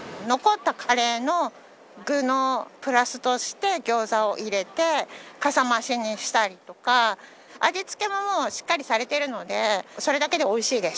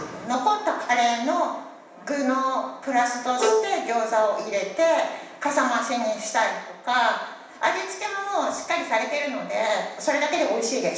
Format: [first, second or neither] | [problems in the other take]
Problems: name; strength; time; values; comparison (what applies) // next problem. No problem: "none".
first | background sound (Bowed string instrument); 4 dB below the speech // room echo; dies away in 0.9 s